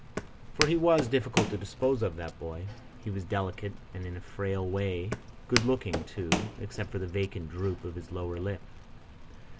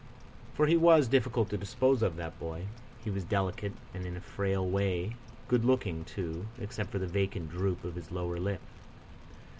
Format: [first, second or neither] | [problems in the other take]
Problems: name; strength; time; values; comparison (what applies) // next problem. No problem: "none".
second | background sound (Walk, footsteps); 6 dB below the speech